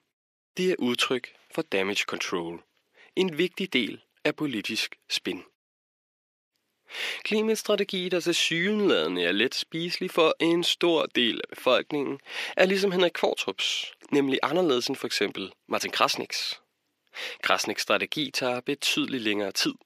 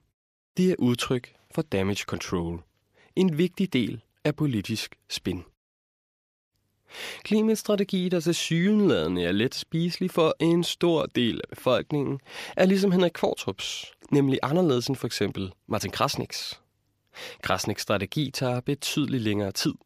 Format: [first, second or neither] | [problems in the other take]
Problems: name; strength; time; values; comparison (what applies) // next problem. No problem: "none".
second | thin; very slightly; fading below 300 Hz